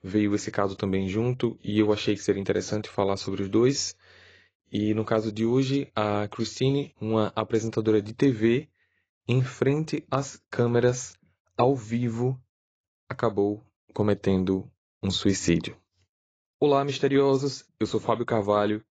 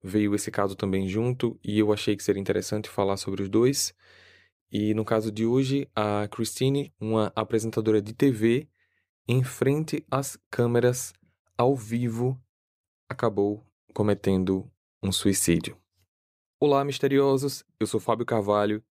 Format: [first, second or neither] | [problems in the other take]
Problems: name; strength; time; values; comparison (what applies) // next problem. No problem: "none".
second | garbled, watery; badly; nothing above 7.5 kHz